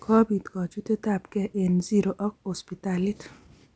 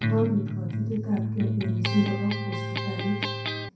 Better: first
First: none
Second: background sound (Electric guitar); 1 dB above the speech // room echo; dies away in 0.6 s

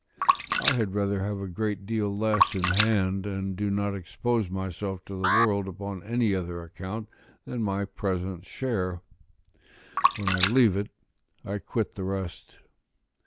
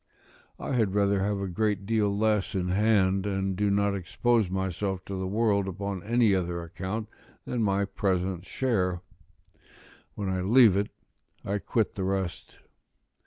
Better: second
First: background sound (Alarm + Splash, splatter); 2 dB below the speech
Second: none

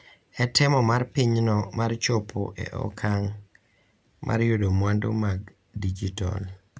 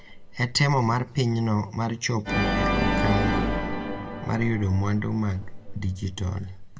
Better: first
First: none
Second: background sound (Organ); 3 dB below the speech // room echo; dies away in 0.6 s

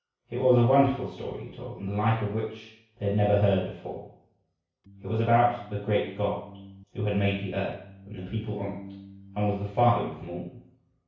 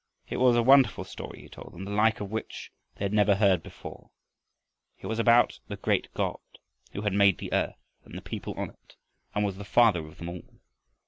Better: second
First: background sound (Organ); 17 dB below the speech // room echo; dies away in 0.6 s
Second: none

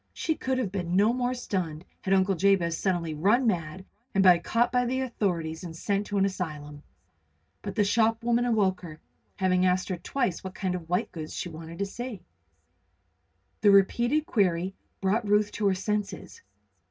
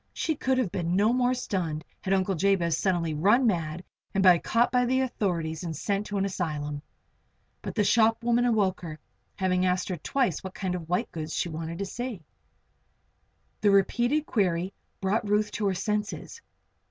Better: second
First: room echo; dies away in 0.3 s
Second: none

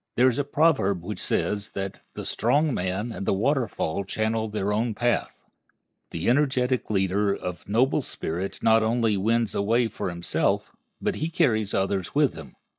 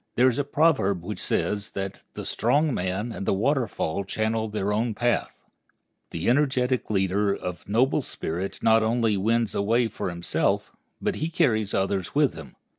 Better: second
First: noise reduction (neural mask model Resemble Enhance denoiser)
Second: none

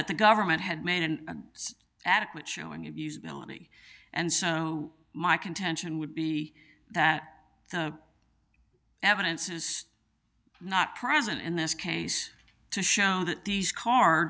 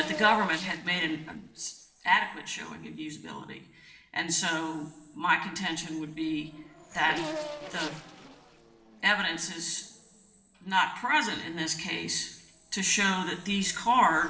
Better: first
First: none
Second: noise reduction (neural separator model SepFormer DNS4)

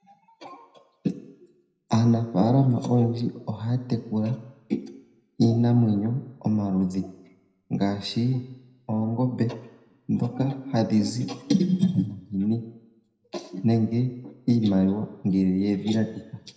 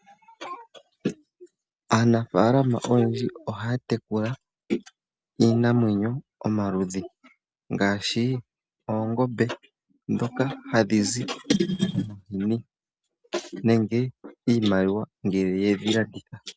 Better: second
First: room echo; dies away in 0.7 s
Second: none

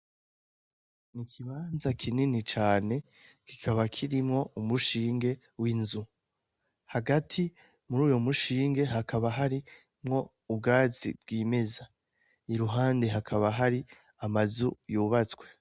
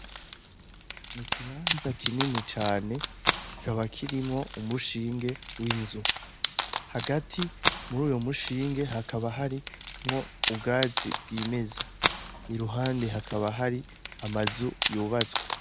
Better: first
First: none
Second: background sound (Wood); 3 dB below the speech

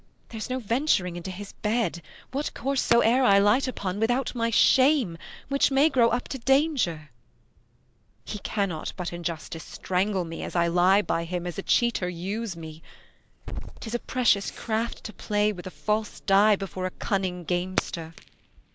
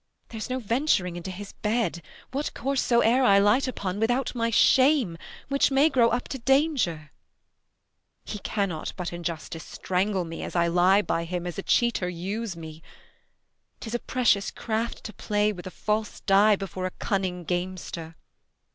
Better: second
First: background sound (Growling / Hiss + Fireworks); 15 dB below the speech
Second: none

